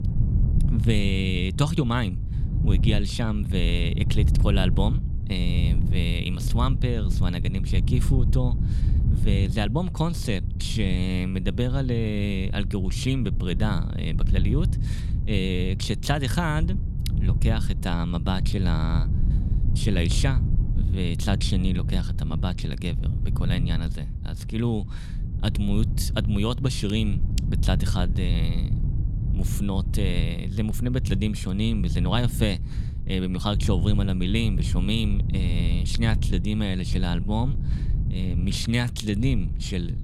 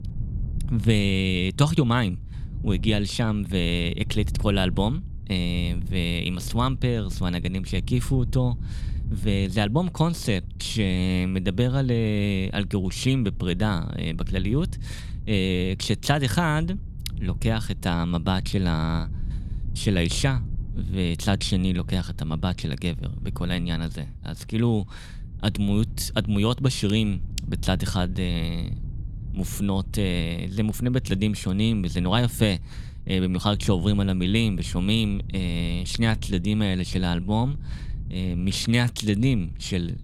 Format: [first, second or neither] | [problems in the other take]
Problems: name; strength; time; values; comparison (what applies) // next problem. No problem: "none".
second | wind noise on the microphone; heavy; 10 dB below the speech; occasional gusts in the second